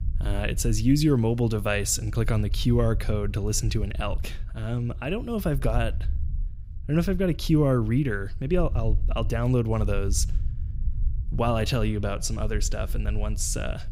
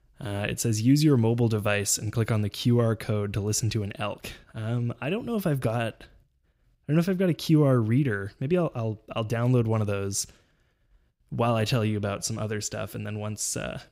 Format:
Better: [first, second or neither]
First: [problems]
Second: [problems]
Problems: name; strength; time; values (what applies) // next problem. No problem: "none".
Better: second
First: low rumble; faint; throughout; 20 dB below the speech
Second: none